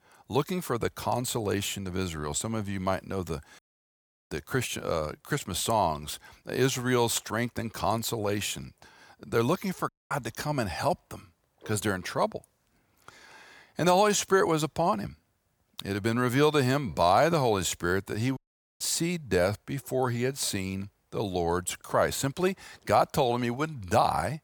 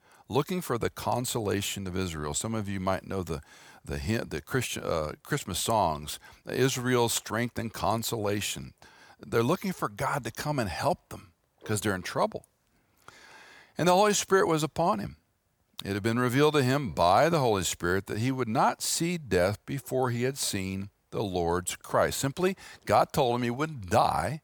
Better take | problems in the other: second | audio cutting out; at 3.5 s for 0.5 s, at 10 s and at 18 s

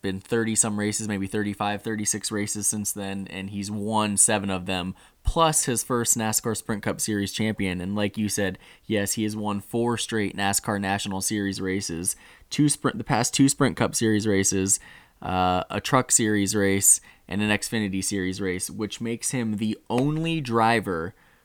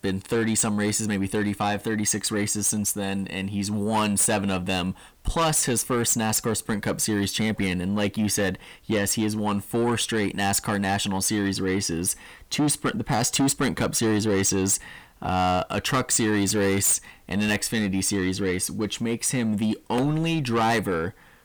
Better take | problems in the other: first | distortion; heavy; 8 dB below the speech

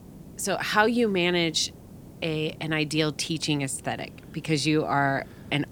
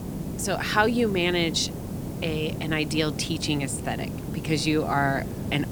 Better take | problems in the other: first | hiss; loud; throughout; 7 dB below the speech; faint in the first

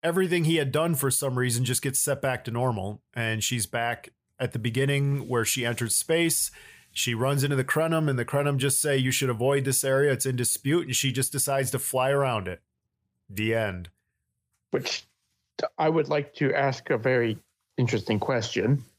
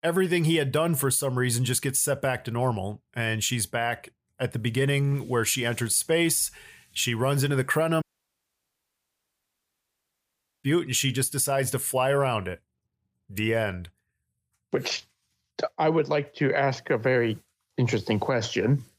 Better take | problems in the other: first | audio cutting out; at 8 s for 2.5 s

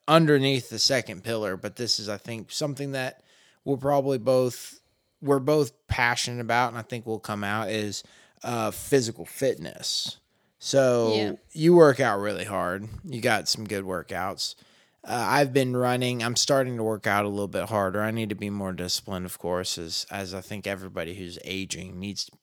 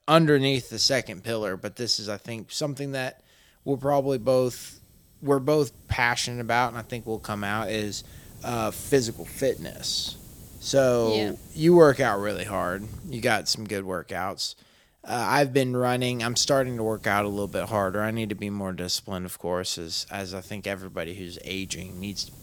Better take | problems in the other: first | hiss; faint; throughout; 20 dB below the speech

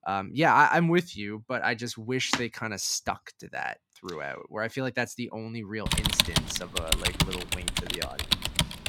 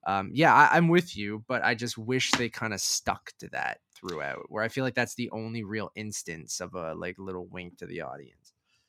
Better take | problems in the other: second | keyboard typing; loud; from 6 s on; peak 5 dB above the speech

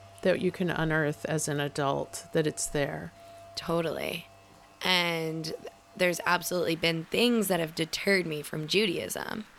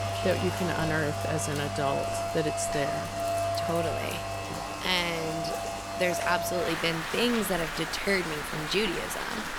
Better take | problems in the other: first | rain or running water; loud; throughout; 2 dB below the speech; faint in the first

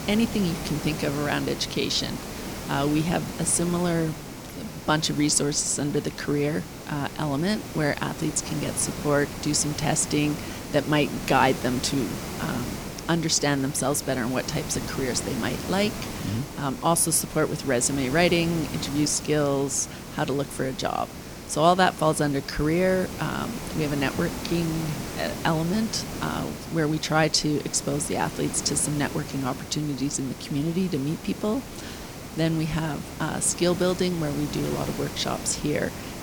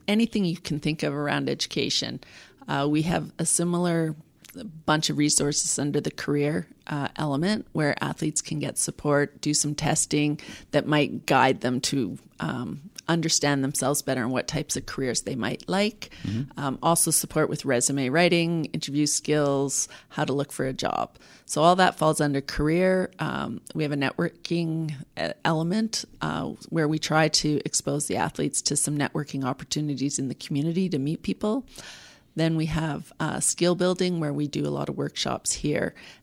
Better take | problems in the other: second | hiss; loud; throughout; 10 dB below the speech

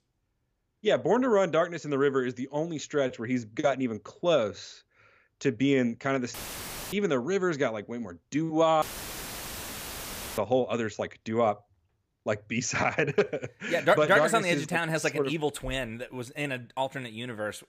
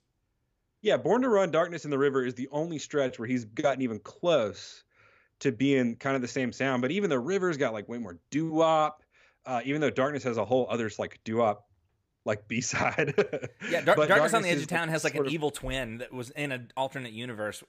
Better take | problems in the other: second | audio cutting out; filled with static; at 6.5 s for 0.5 s and at 9 s for 1.5 s

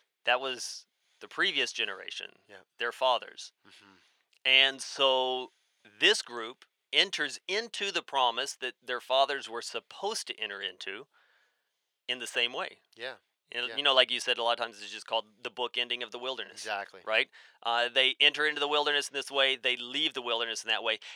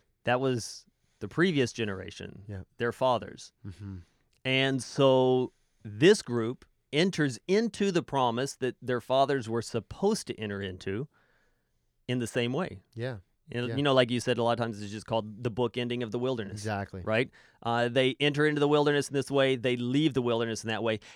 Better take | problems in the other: second | thin; very; fading below 750 Hz

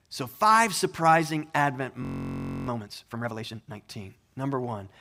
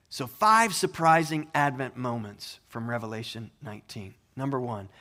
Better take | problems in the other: second | audio freezing; at 2 s for 0.5 s

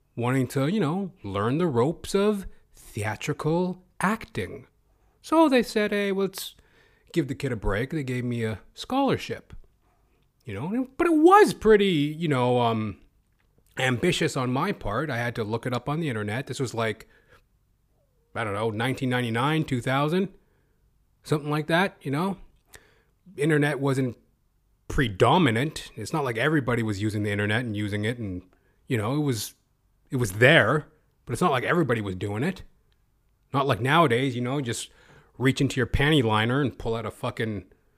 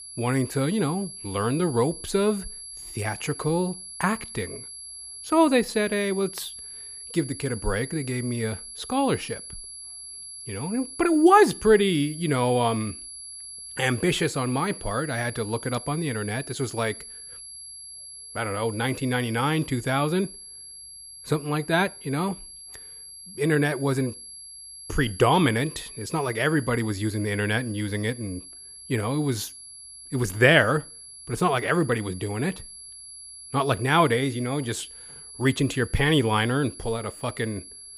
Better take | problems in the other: first | high-pitched whine; noticeable; throughout; 11 kHz, 15 dB below the speech

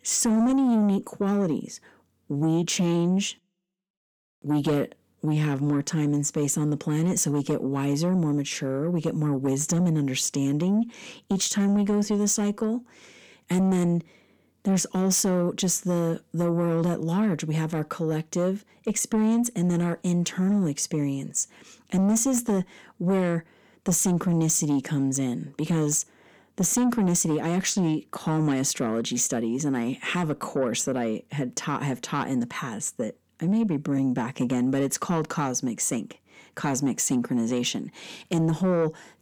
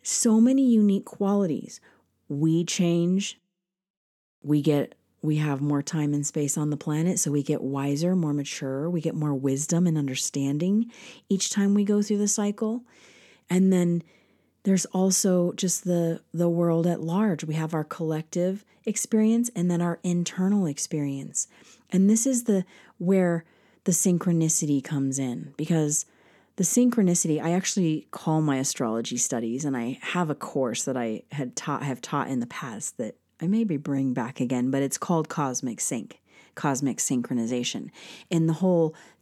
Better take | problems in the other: second | distortion; slight; 10 dB below the speech

